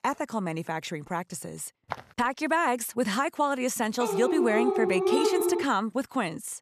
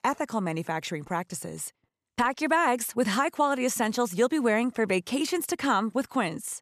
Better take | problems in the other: second | footsteps; faint; at 2 s; peak 10 dB below the speech // dog barking; loud; from 4 to 5.5 s; peak 3 dB above the speech

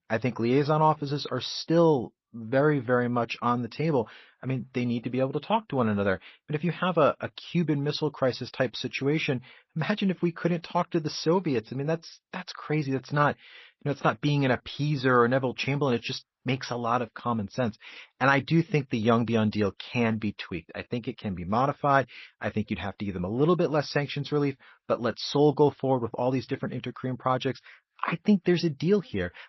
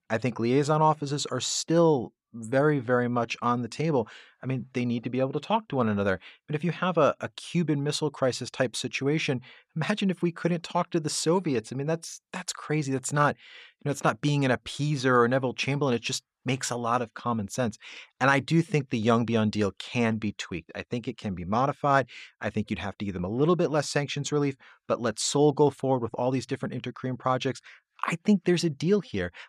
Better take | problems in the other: second | garbled, watery; slightly; nothing above 5.5 kHz

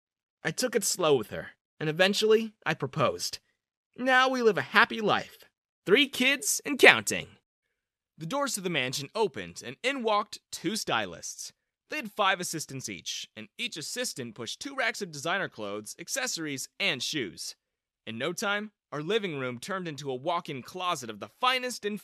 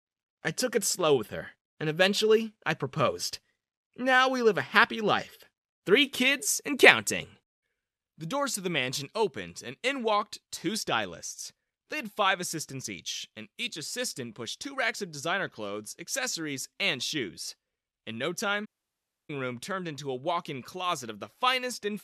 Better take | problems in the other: first | audio cutting out; at 19 s for 0.5 s

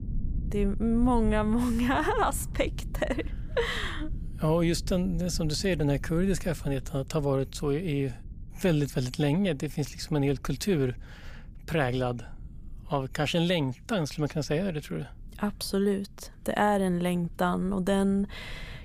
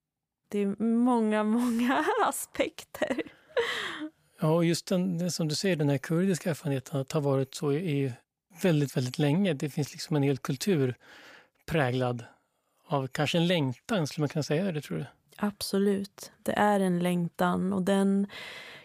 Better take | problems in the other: second | low rumble; faint; throughout; 25 dB below the speech

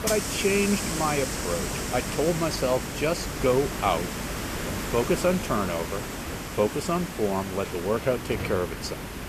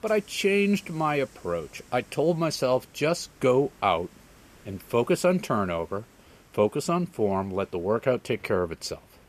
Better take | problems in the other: second | hiss; loud; throughout; 4 dB below the speech; faint in the second

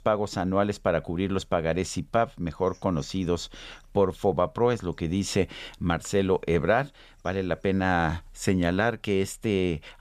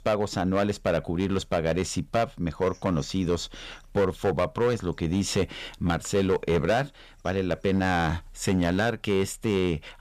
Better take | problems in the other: first | distortion; slight; 7% of the sound clipped

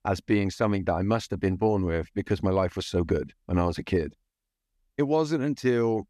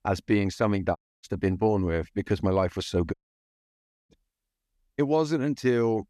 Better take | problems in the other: first | audio cutting out; at 1 s and at 3 s for 1 s

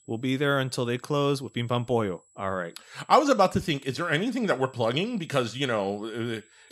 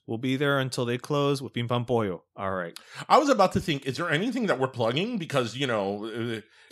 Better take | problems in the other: second | high-pitched whine; faint; throughout; 8 kHz, 30 dB below the speech

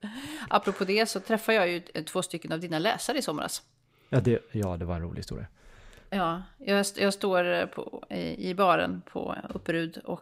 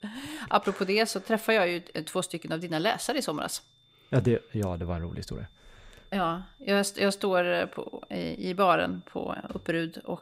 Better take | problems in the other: first | high-pitched whine; faint; throughout; 3.5 kHz, 30 dB below the speech

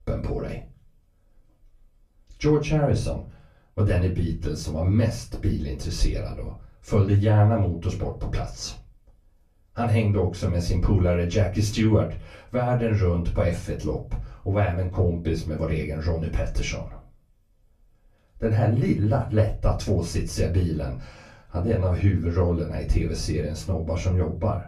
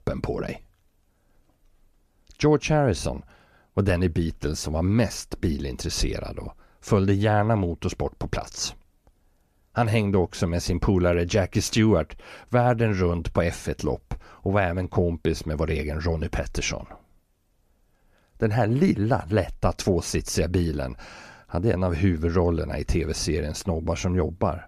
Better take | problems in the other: second | off-mic speech; far // room echo; very slight; dies away in 0.3 s

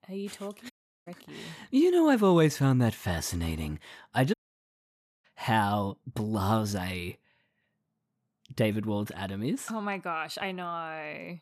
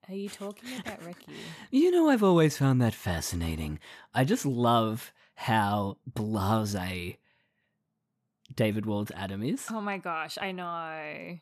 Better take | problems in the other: second | audio cutting out; at 0.5 s and at 4.5 s for 1 s

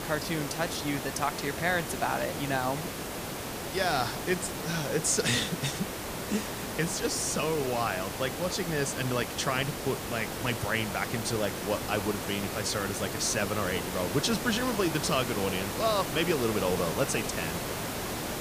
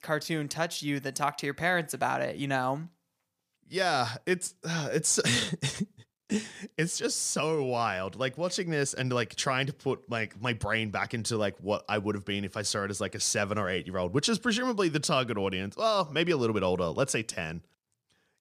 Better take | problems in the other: second | hiss; loud; throughout; 4 dB below the speech

